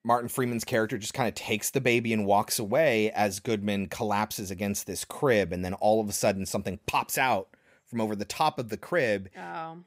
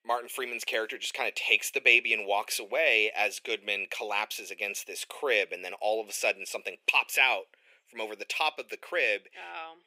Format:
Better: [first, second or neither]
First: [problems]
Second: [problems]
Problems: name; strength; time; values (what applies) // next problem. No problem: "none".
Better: first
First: none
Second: thin; very; fading below 400 Hz